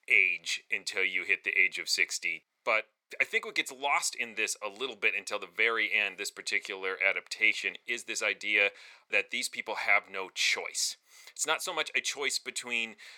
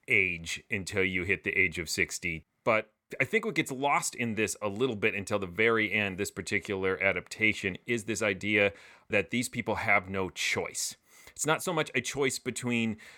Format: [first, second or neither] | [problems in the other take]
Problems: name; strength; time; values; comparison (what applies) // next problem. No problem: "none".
second | thin; very; fading below 550 Hz